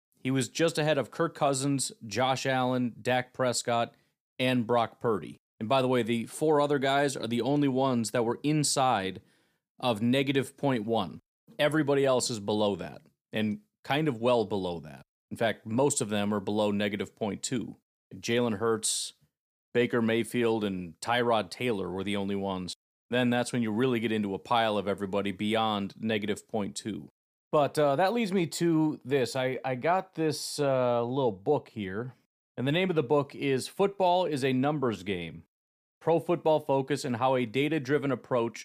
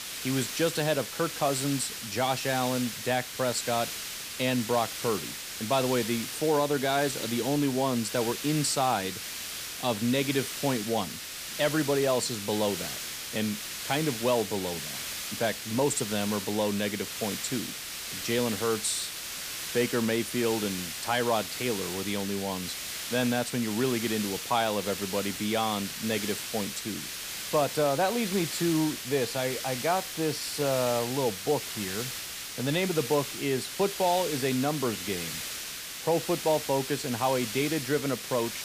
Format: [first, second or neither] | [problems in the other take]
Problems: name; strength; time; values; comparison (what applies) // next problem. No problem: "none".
first | hiss; loud; throughout; 5 dB below the speech